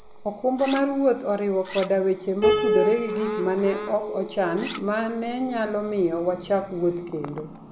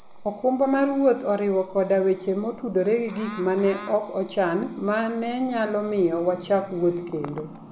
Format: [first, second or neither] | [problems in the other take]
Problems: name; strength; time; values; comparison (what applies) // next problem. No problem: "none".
second | background sound (Piano + Cutlery, silverware); 5 dB below the speech